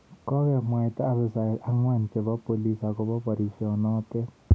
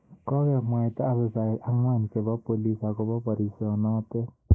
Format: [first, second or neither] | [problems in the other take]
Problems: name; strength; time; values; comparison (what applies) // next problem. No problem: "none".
first | noise reduction (neural mask model Resemble Enhance denoiser)